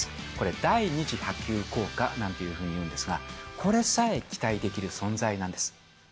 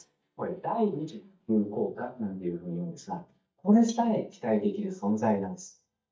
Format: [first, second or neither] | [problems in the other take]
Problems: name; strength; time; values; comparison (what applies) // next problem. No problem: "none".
first | noise reduction (neural mask model DeepFilterNet 3)